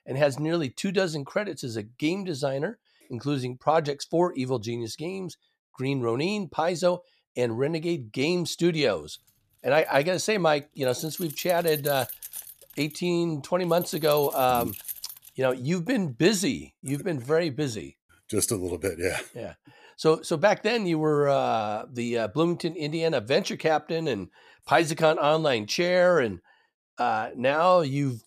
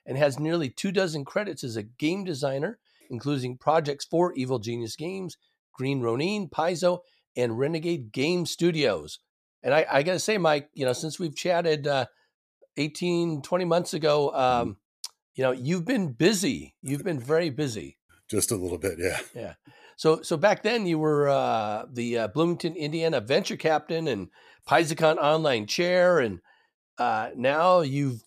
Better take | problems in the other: second | jangling keys; noticeable; from 10 to 16 s; peak 8 dB below the speech

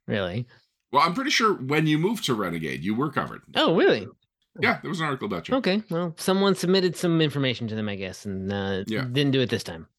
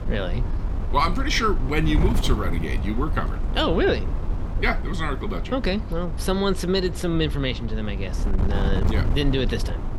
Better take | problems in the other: first | wind noise on the microphone; occasional gusts; 10 dB below the speech

